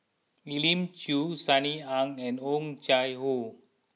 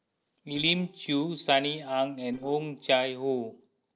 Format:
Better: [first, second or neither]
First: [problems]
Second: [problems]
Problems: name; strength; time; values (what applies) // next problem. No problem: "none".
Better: first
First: none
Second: noise reduction (neural separator model SepFormer DNS4)